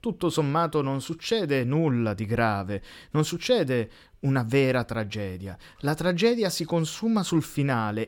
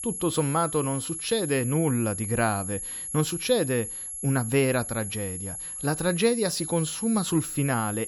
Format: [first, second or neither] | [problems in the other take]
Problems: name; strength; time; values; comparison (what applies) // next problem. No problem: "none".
first | high-pitched whine; loud; throughout; 11 kHz, 6 dB below the speech